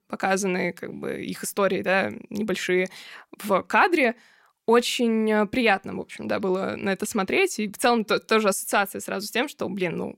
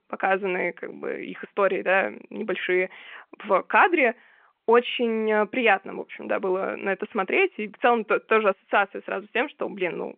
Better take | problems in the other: first | phone-call audio

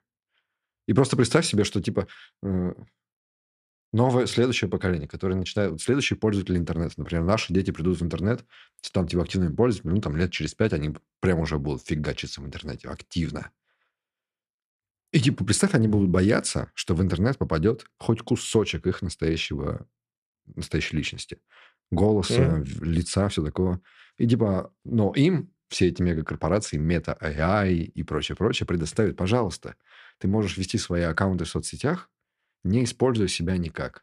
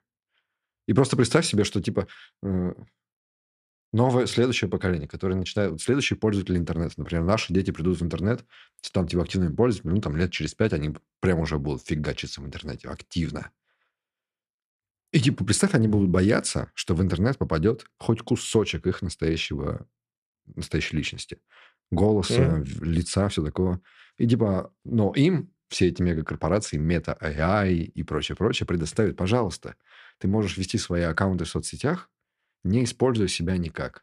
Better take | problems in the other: neither | none

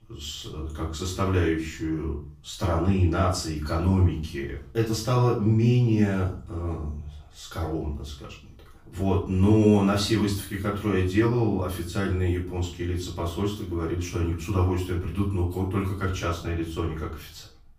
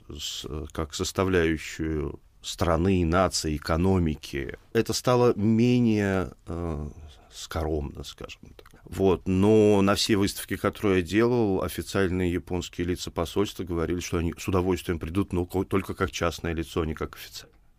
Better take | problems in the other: second | off-mic speech; far // room echo; slight; dies away in 0.4 s

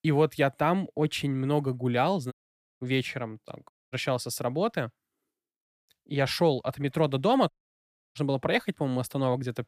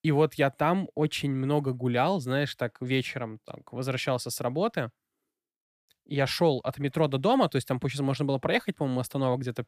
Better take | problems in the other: second | audio cutting out; at 2.5 s, at 3.5 s and at 7.5 s for 0.5 s

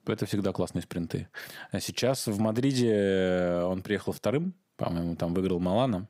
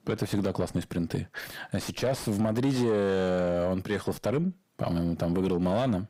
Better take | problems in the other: first | distortion; slight; 9 dB below the speech

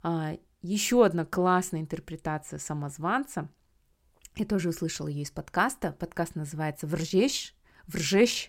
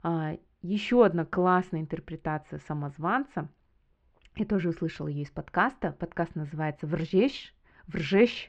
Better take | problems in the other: first | muffled; very; fading above 3 kHz

